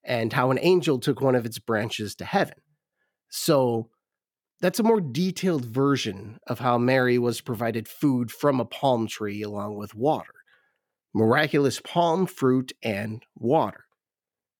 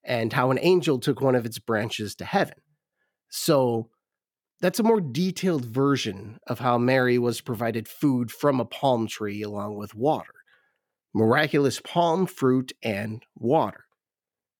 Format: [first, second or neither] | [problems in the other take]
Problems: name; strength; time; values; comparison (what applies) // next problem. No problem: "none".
neither | none